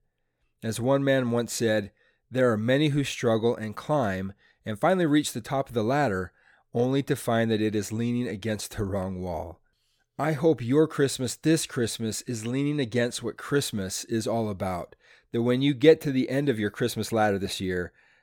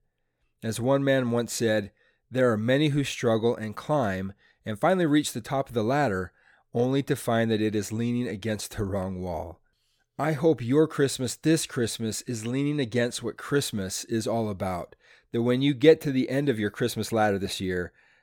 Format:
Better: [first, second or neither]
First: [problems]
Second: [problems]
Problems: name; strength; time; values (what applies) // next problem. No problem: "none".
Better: neither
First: none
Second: none